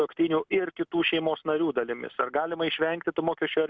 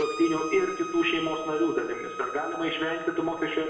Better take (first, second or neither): first